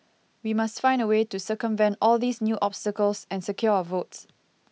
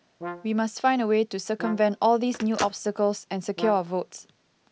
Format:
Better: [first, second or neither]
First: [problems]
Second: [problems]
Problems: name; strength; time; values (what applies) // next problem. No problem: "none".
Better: first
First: none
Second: background sound (Telephone + Brass instrument); 14 dB below the speech